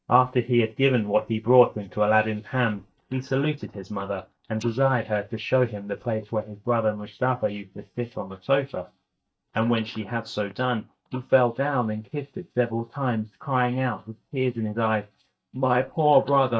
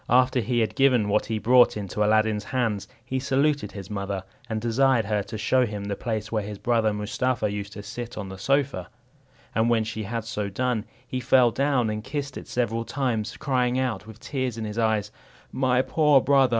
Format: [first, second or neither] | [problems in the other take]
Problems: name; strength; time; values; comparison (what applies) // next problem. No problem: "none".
second | noise reduction (neural mask model DeepFilterNet 3)